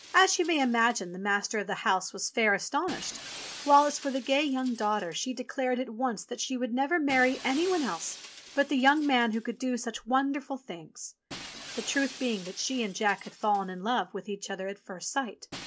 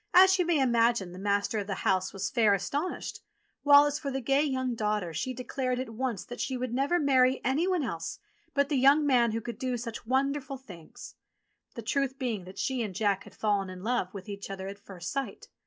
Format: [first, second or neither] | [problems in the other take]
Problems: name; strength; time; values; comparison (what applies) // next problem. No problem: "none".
second | background sound (Shatter); 18 dB below the speech